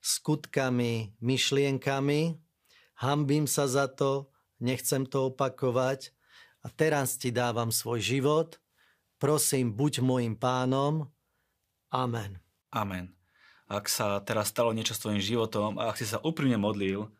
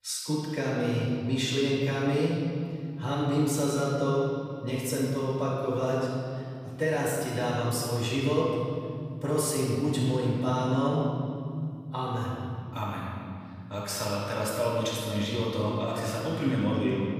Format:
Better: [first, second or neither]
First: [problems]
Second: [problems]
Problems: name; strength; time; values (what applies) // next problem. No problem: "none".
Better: first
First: none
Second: off-mic speech; far // room echo; strong; dies away in 2.7 s